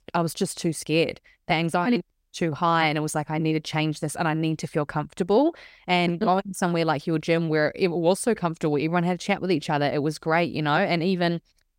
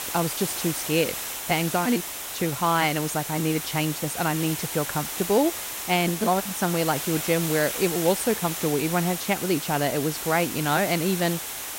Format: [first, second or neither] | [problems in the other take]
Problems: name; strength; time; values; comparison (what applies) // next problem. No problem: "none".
first | hiss; loud; throughout; 5 dB below the speech